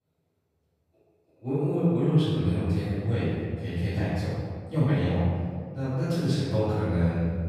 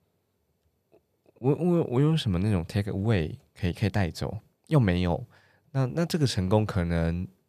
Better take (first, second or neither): second